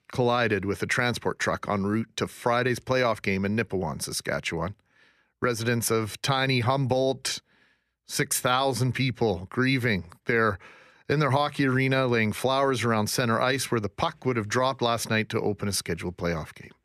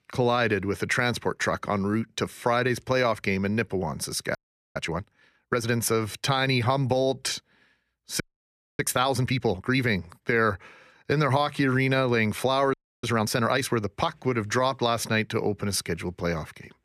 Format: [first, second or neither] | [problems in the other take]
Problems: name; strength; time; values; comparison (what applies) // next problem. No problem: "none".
first | audio freezing; at 4.5 s, at 8 s for 0.5 s and at 13 s